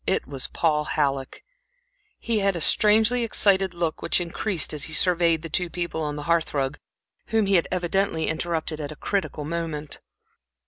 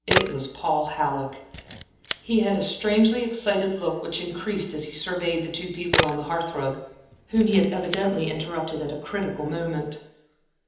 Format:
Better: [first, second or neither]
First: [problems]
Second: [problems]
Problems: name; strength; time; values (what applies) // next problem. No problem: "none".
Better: first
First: none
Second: background sound (Camera); 6 dB below the speech // room echo; dies away in 1.3 s